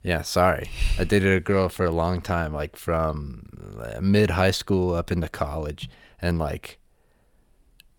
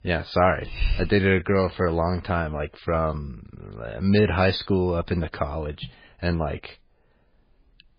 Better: first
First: none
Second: garbled, watery; badly; nothing above 4.5 kHz

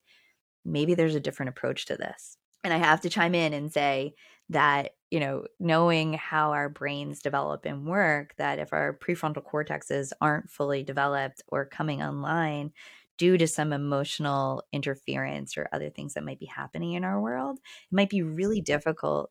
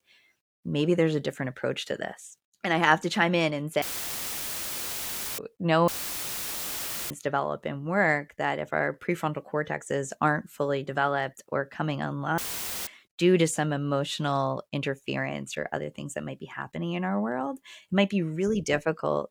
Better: first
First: none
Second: audio cutting out; filled with static; at 4 s for 1.5 s, at 6 s for 1 s and at 12 s

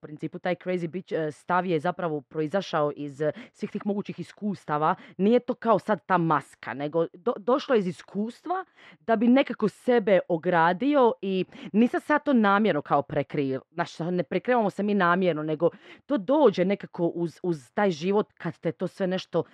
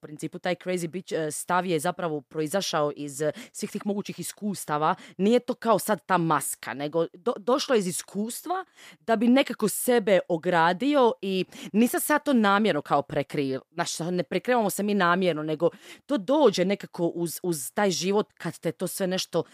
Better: second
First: muffled; slightly; fading above 2.5 kHz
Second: none

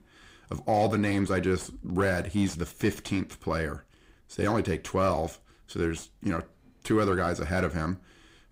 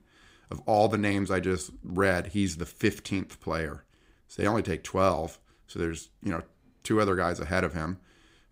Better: second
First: distortion; slight; 10 dB below the speech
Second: none

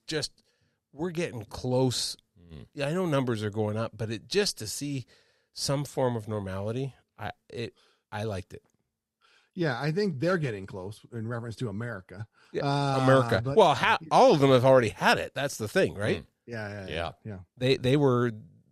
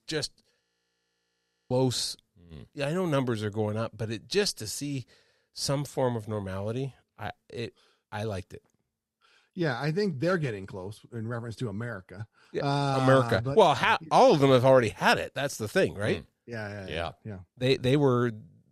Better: first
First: none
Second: audio freezing; at 0.5 s for 1 s

